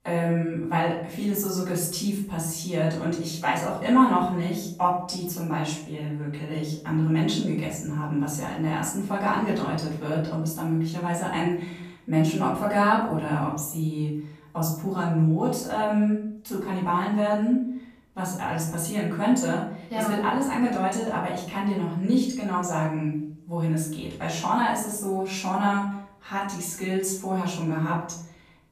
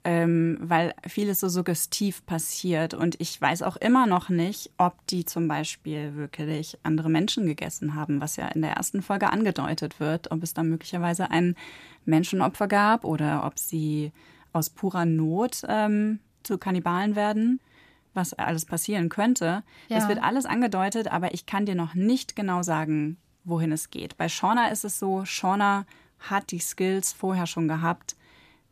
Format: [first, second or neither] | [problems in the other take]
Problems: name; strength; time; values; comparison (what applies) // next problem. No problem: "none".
second | off-mic speech; far // room echo; noticeable; dies away in 0.5 s